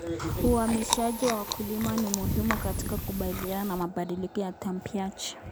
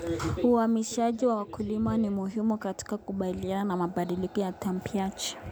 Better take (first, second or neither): second